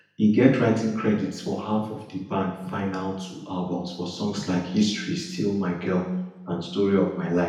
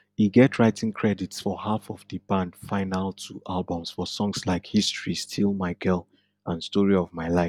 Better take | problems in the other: second | room echo; dies away in 0.9 s

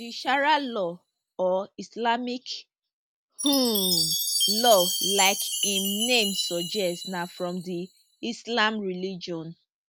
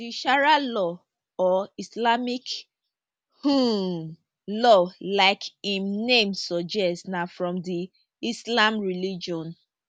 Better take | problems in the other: second | background sound (Chime); 4 dB below the speech

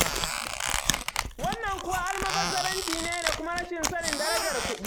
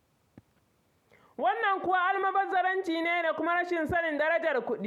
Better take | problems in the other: second | background sound (Chewing, mastication + Squeak); 2 dB above the speech

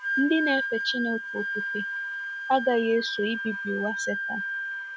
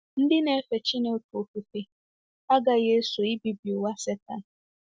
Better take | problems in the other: second | background sound (Wind instrument, woodwind instrument); 2 dB below the speech

